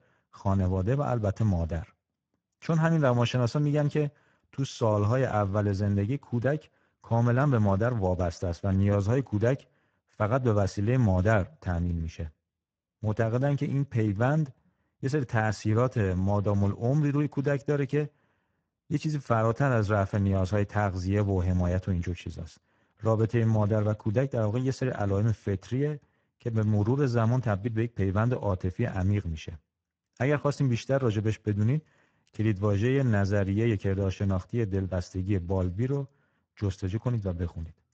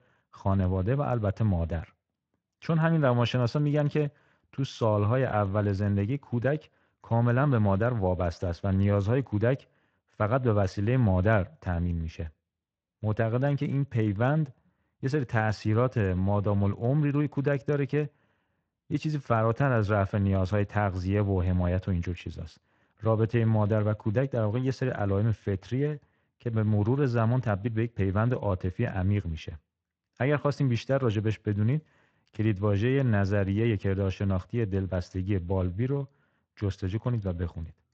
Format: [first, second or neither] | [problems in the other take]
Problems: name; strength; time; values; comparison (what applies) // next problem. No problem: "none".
second | garbled, watery; badly; nothing above 7.5 kHz; slightly in the second